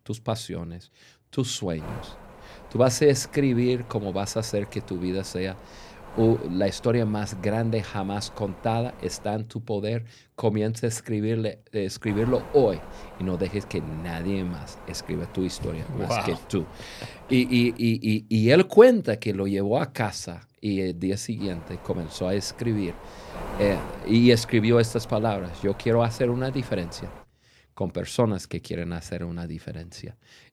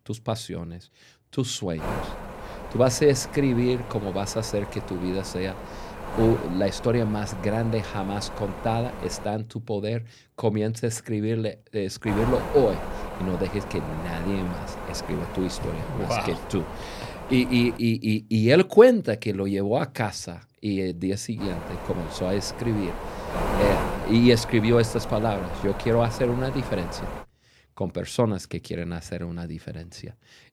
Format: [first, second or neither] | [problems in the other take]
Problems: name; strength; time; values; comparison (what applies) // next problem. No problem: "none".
first | wind noise on the microphone; heavy; from 2 to 9.5 s, from 12 to 18 s and from 21 to 27 s; 7 dB below the speech; occasional gusts in the first